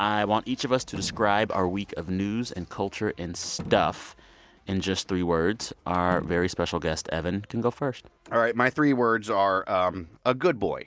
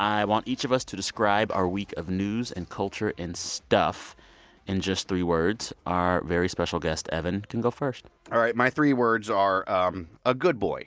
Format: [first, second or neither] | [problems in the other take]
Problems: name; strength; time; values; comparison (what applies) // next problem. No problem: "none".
second | background sound (Slam); 18 dB below the speech